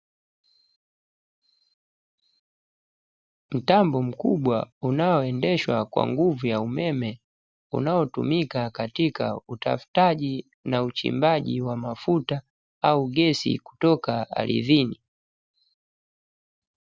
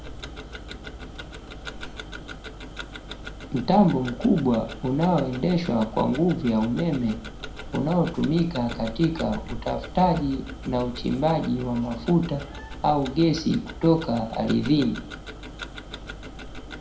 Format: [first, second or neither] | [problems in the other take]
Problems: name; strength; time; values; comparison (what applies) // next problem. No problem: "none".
first | background sound (Tick-tock); 12 dB below the speech // room echo; dies away in 0.4 s